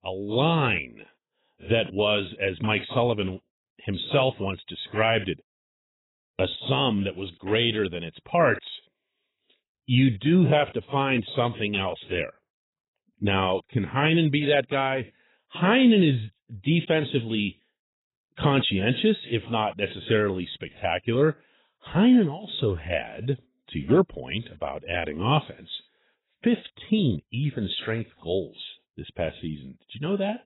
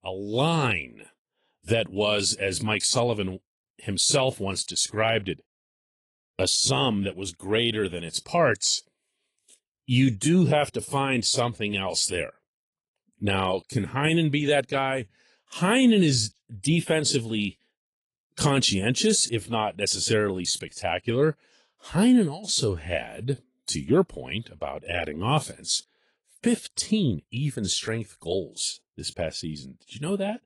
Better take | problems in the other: second | garbled, watery; badly; nothing above 4 kHz; slightly in the second

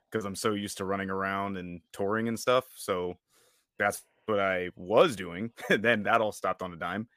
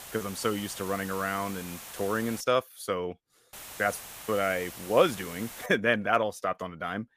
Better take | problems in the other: first | hiss; noticeable; until 2.5 s and from 3.5 to 5.5 s; 10 dB below the speech

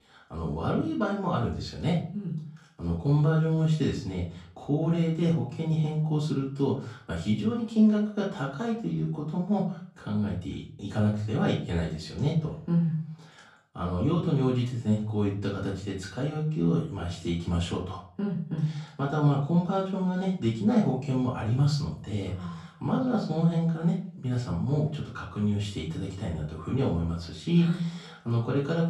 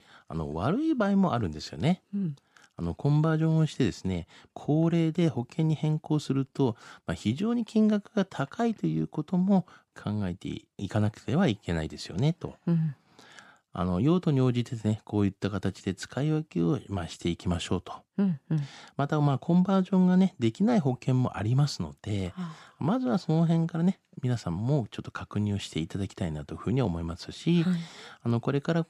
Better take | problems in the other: second | off-mic speech; far // room echo; slight; dies away in 0.4 s

